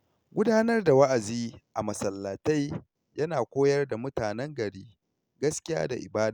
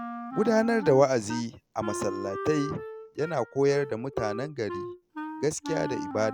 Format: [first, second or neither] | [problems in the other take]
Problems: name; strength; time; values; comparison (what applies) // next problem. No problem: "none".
first | background sound (Wind instrument, woodwind instrument); 9 dB below the speech